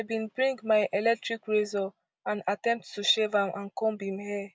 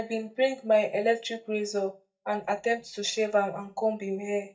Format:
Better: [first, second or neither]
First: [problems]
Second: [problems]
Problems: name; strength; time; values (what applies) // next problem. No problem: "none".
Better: first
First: none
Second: noise reduction (neural mask model DeepFilterNet 3)